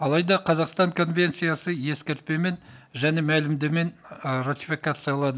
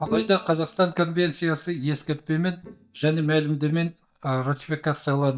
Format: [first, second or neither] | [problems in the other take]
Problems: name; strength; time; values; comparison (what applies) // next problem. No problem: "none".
first | noise reduction (neural mask model DeepFilterNet 3)